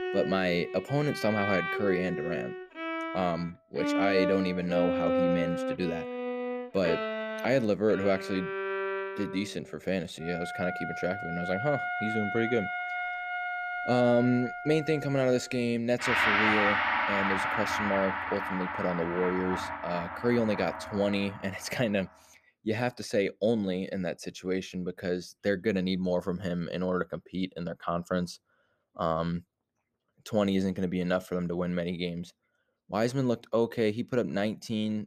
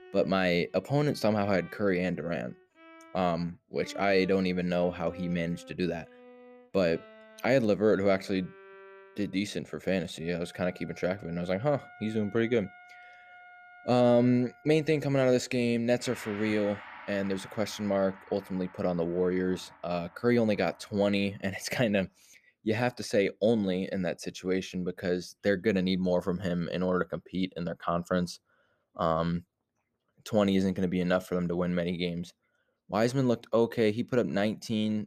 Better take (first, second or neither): second